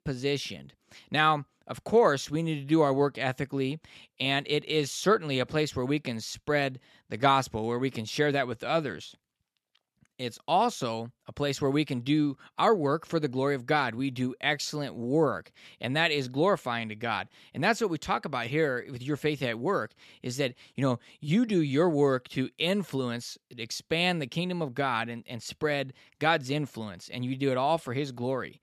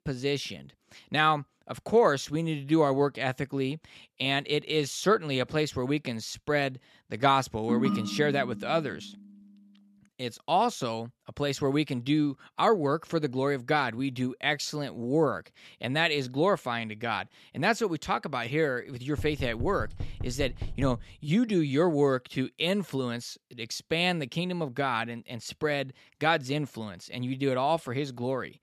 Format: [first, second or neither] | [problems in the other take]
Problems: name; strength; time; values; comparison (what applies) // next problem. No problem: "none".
first | phone ringing; loud; from 7.5 to 9 s; peak level with the speech // door banging; faint; from 19 to 21 s; peak 10 dB below the speech